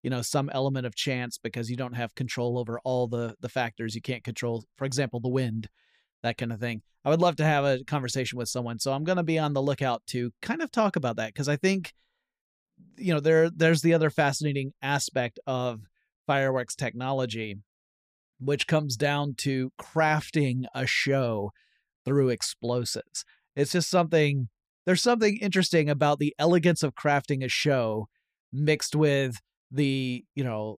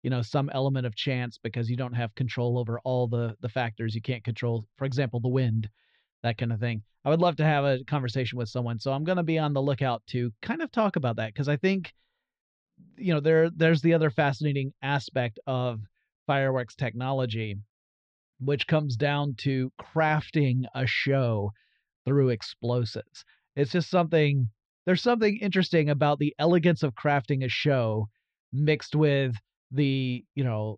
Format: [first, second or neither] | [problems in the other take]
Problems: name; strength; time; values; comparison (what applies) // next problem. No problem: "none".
first | muffled; very slightly; fading above 4 kHz